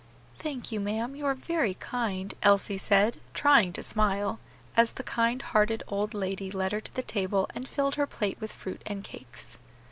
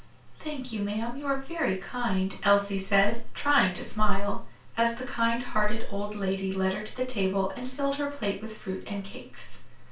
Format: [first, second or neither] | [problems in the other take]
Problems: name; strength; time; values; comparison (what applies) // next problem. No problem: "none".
first | room echo; dies away in 0.3 s